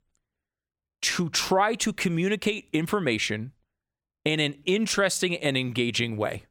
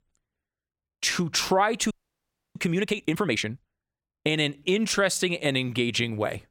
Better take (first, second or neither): first